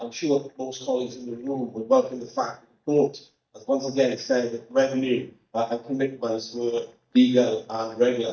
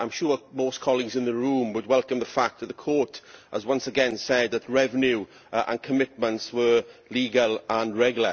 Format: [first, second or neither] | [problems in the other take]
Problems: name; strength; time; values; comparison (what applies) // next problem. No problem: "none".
second | noise reduction (neural mask model DeepFilterNet 3)